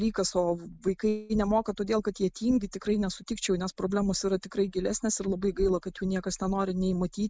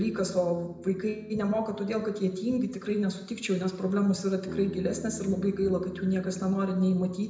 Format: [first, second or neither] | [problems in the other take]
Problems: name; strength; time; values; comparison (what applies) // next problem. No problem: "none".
first | background sound (Bass guitar); 16 dB below the speech // room echo; dies away in 0.8 s